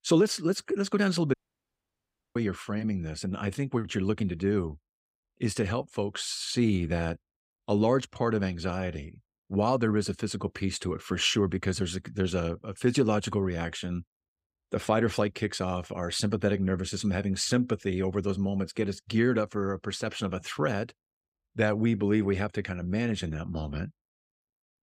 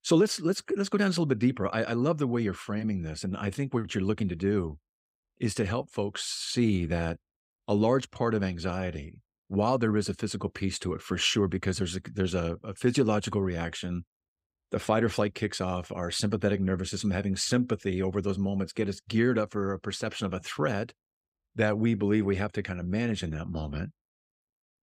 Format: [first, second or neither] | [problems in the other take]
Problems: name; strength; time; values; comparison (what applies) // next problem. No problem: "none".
second | audio cutting out; at 1.5 s for 1 s